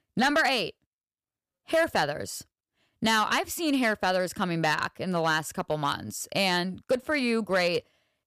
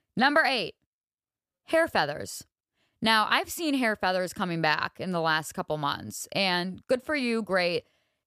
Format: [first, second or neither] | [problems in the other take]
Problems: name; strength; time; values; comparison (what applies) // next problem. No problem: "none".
second | distortion; slight; 3% of the sound clipped